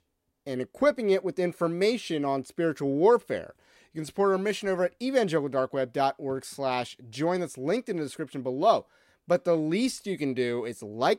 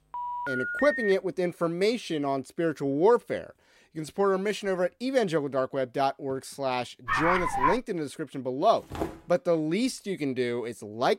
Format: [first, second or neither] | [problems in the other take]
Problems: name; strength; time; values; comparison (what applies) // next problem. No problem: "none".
first | phone ringing; noticeable; at the start; peak 2 dB below the speech // dog barking; loud; at 7 s; peak 2 dB above the speech // footsteps; noticeable; at 9 s; peak 7 dB below the speech